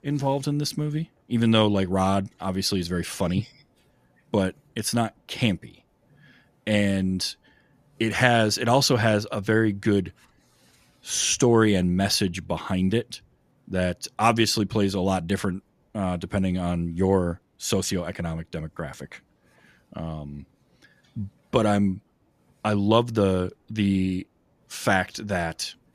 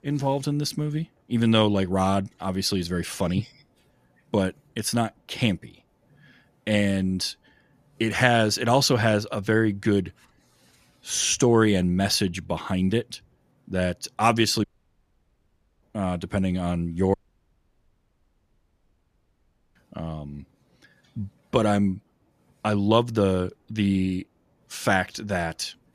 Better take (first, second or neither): first